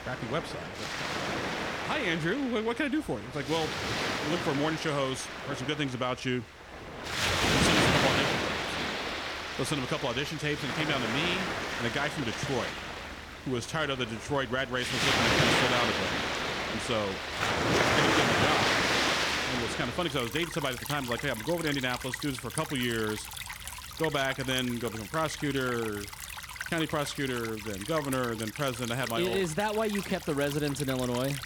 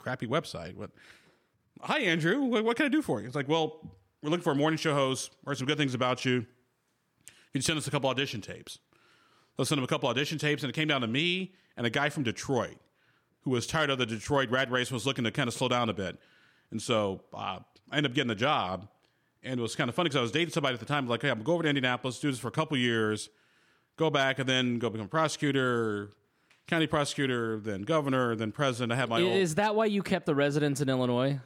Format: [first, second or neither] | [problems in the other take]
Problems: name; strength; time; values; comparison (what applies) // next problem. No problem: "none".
second | rain or running water; very loud; throughout; 1 dB above the speech